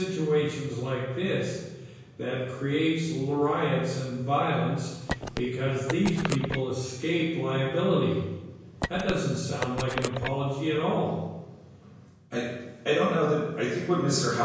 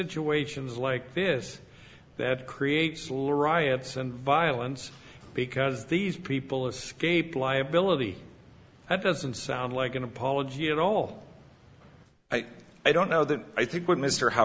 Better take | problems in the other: second | background sound (Telephone); 7 dB below the speech // room echo; dies away in 1 s

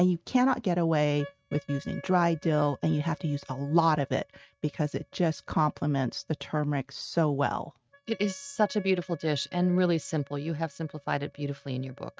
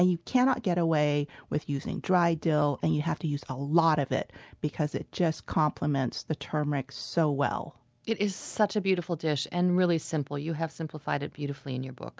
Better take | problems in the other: second | noise reduction (neural mask model RNNoise)

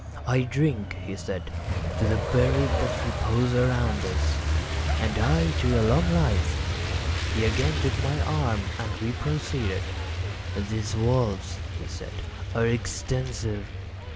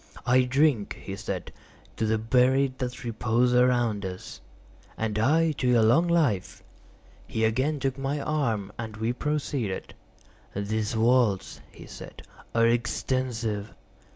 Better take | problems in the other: second | background sound (Truck); as loud as the speech

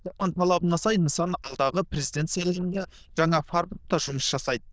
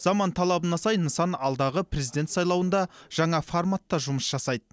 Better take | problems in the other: second | noise reduction (neural diffusion model UNIVERSE++)

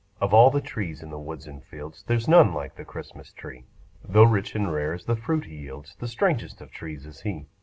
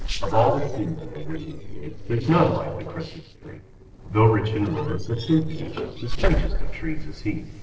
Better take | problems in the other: first | noise reduction (neural separator model SepFormer DNS4)

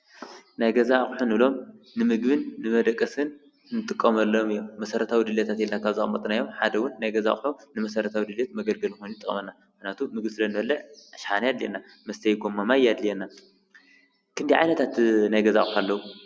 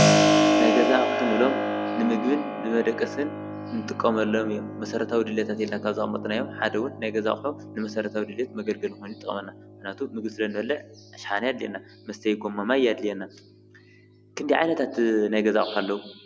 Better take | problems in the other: first | background sound (Keyboard (musical)); 2 dB below the speech

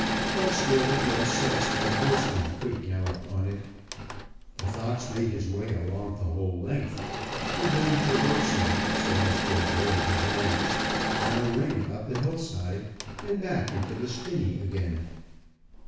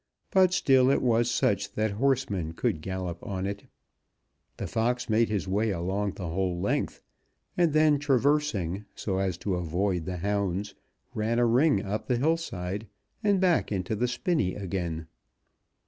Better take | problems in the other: second | background sound (Engine / Mechanisms); 1 dB below the speech // room echo; dies away in 1.1 s

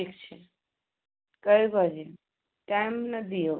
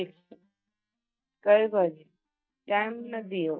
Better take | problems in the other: first | noise reduction (neural mask model DeepFilterNet 3)

